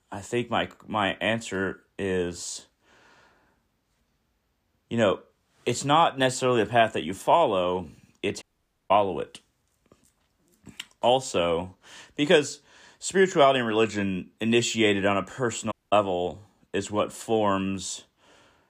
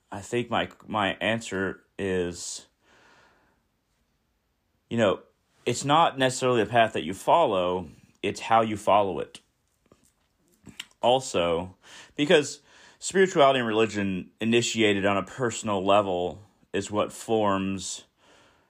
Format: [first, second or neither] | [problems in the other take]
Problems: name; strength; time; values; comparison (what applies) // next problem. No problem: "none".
second | audio cutting out; at 8.5 s and at 16 s